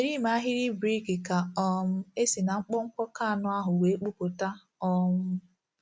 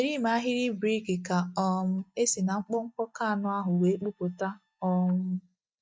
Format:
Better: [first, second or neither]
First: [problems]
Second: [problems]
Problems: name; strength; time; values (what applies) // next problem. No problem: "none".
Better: first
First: none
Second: noise reduction (neural mask model DeepFilterNet 3)